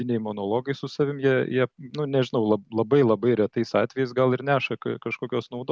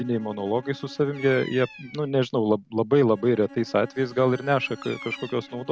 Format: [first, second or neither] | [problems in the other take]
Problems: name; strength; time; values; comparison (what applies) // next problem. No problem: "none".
first | background sound (Bowed string instrument + Bird vocalization, bird call, bird song); 20 dB below the speech